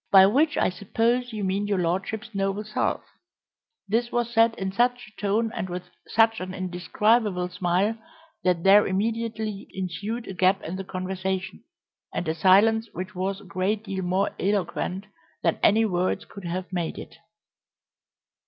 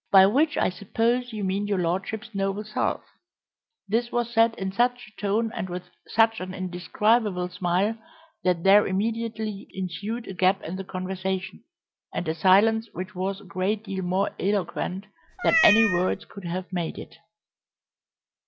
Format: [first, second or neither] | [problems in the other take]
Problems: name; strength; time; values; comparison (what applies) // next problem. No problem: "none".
first | background sound (Meow); 1 dB below the speech